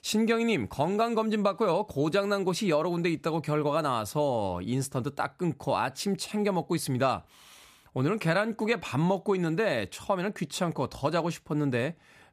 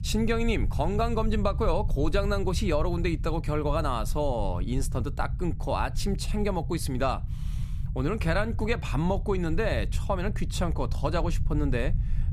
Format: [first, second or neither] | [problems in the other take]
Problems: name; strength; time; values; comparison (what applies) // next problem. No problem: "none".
first | low rumble; noticeable; throughout; 20 dB below the speech